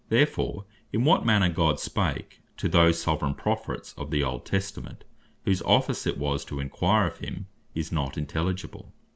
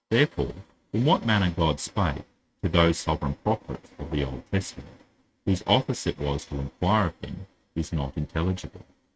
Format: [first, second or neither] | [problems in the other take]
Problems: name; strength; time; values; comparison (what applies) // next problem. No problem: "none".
first | noise reduction (neural mask model RNNoise)